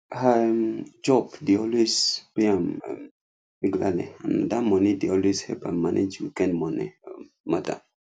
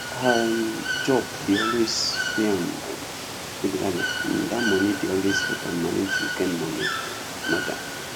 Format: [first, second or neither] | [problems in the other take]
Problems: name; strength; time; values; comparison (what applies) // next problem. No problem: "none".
first | background sound (Water / Bird); 3 dB below the speech